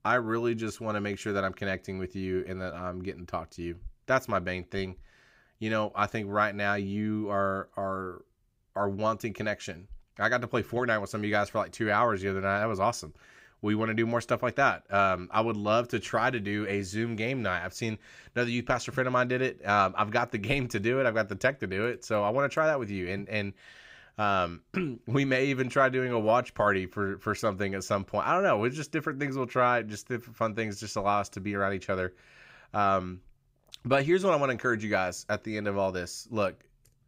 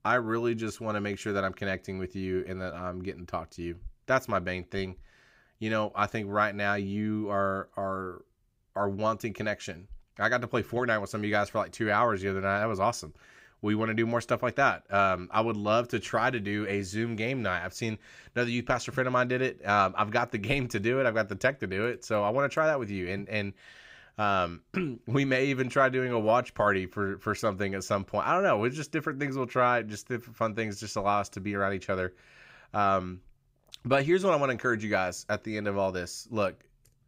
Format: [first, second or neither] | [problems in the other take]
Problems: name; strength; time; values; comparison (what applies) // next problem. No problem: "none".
neither | none